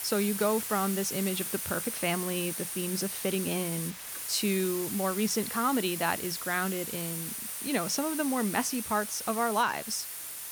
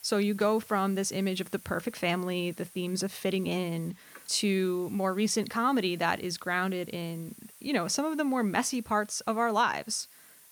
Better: second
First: hiss; loud; throughout; 4 dB below the speech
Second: hiss; faint; throughout; 20 dB below the speech

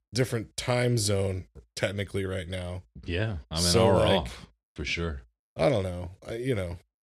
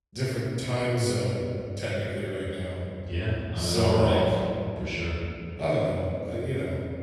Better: first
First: none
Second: off-mic speech; far // room echo; strong; dies away in 2.5 s

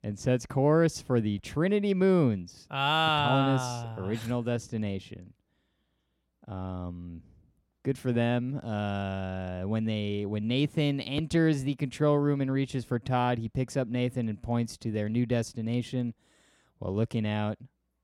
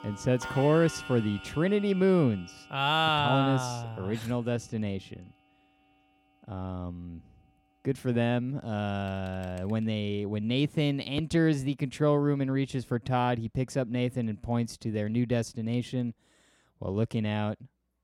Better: first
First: none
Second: household noises; noticeable; until 9.5 s; 15 dB below the speech

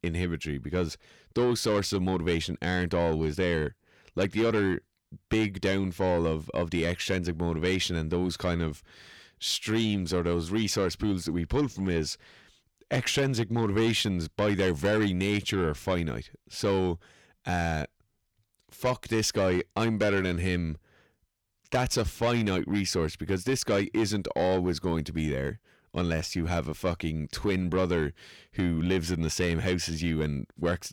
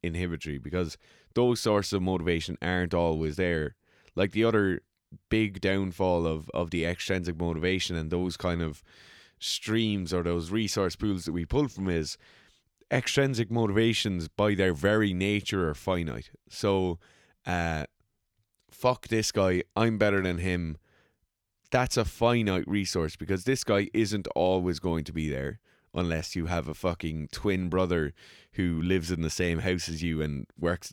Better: second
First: distortion; slight; 10 dB below the speech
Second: none

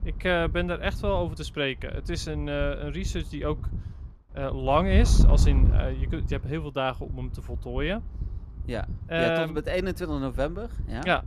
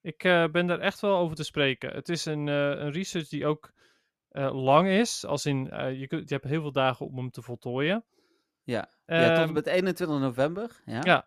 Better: second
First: wind noise on the microphone; occasional gusts; 15 dB below the speech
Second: none

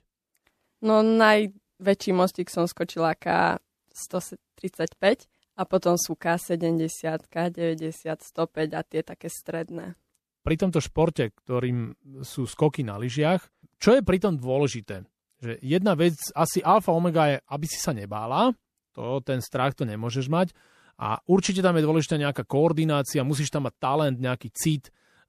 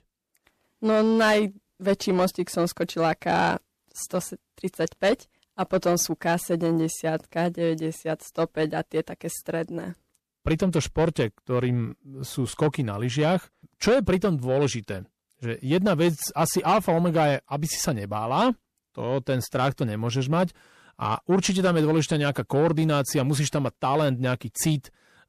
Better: first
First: none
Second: distortion; slight; 10 dB below the speech

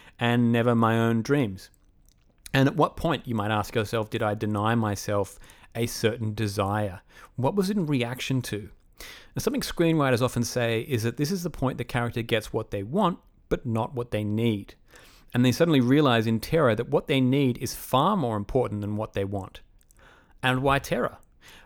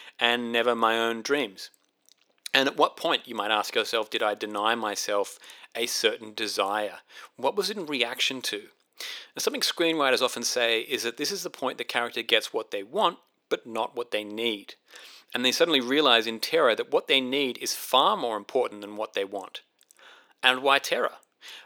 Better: first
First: none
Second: thin; somewhat; fading below 350 Hz

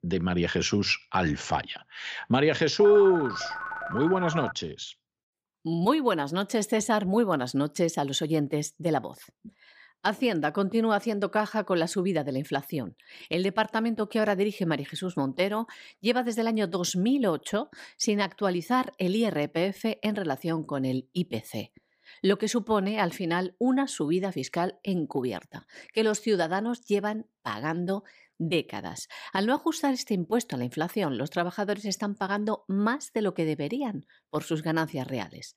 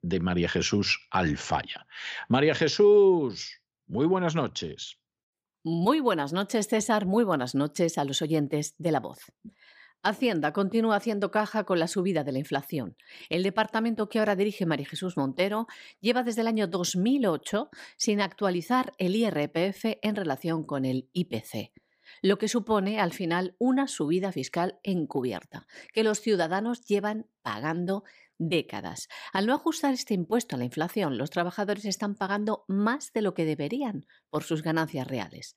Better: second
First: phone ringing; noticeable; from 3 to 4.5 s; peak 6 dB below the speech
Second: none

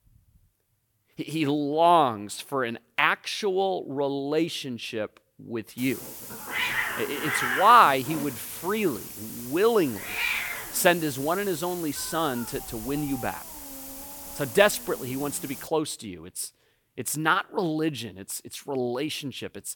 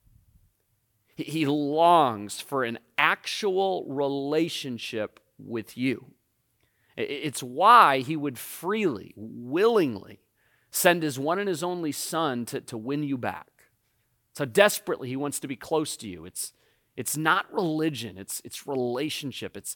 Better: second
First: hiss; loud; from 6 to 16 s; 7 dB below the speech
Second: none

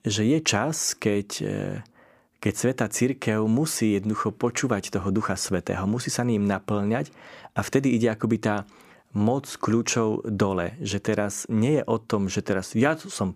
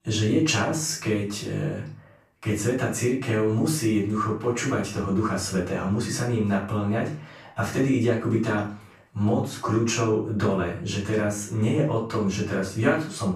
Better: first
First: none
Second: off-mic speech; far // room echo; noticeable; dies away in 0.4 s

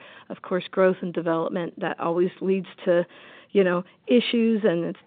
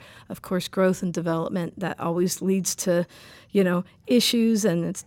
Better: second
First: phone-call audio; nothing above 3.5 kHz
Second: none

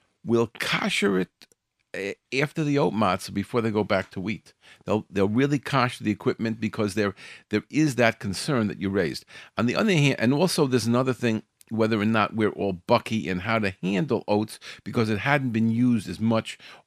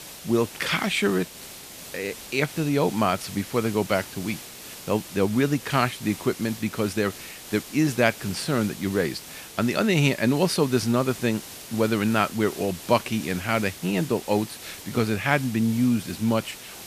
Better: first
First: none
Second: hiss; noticeable; throughout; 15 dB below the speech

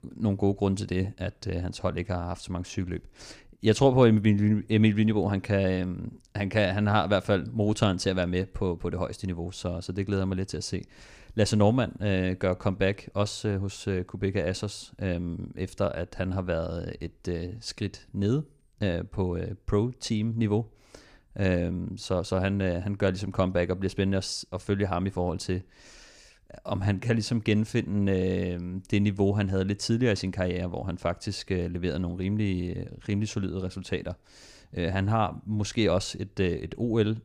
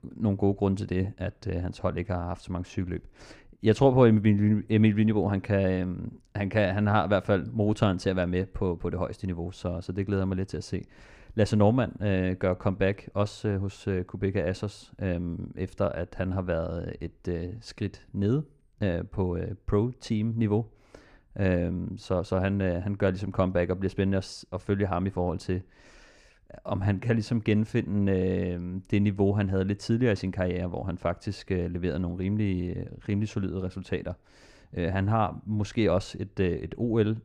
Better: first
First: none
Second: muffled; slightly; fading above 3 kHz

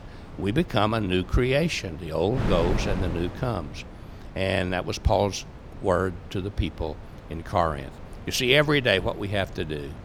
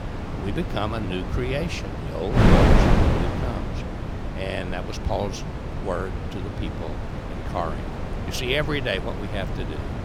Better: first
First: wind noise on the microphone; occasional gusts; 15 dB below the speech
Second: wind noise on the microphone; heavy; as loud as the speech

